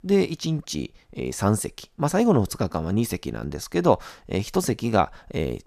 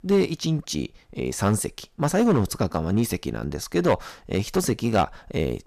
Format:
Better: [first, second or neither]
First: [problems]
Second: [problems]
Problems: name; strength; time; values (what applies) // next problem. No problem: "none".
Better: first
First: none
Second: distortion; slight; 2% of the sound clipped